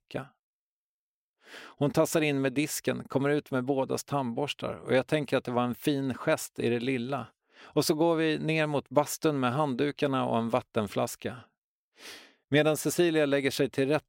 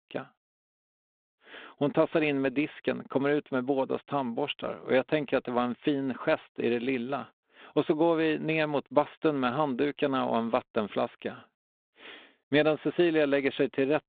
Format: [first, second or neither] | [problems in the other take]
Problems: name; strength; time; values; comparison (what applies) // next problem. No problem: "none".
first | phone-call audio; nothing above 4 kHz